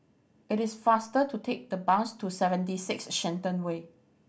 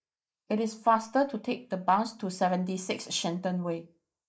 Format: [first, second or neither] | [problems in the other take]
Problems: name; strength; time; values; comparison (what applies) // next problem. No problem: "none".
first | noise reduction (neural mask model Resemble Enhance denoiser)